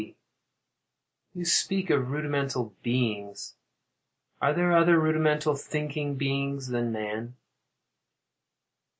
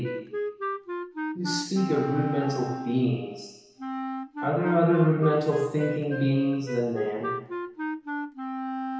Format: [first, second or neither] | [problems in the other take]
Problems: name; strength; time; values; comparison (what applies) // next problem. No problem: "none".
first | background sound (Wind instrument, woodwind instrument); 6 dB below the speech // room echo; dies away in 1 s